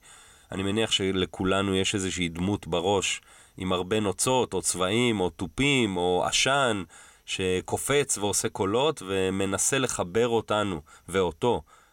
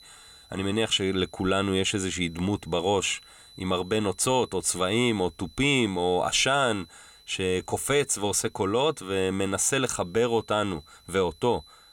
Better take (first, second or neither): first